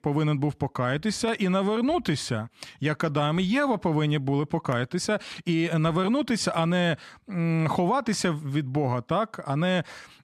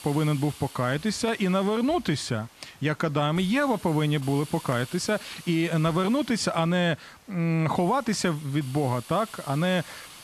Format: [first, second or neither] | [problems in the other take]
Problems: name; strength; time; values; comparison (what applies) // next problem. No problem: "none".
first | hiss; noticeable; throughout; 20 dB below the speech